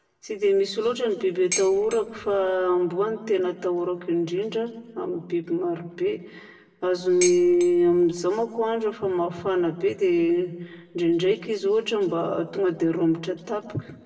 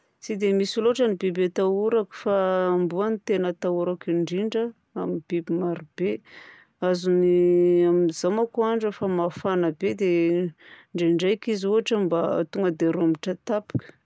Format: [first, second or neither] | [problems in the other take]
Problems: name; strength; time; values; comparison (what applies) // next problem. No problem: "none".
second | background sound (Dishes, pots, and pans); 9 dB below the speech // room echo; dies away in 1 s